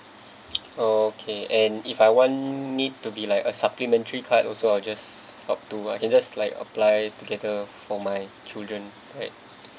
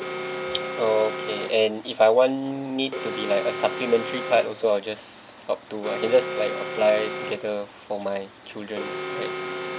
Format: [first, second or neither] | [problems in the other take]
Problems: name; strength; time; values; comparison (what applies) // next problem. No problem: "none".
first | background sound (Alarm); 8 dB below the speech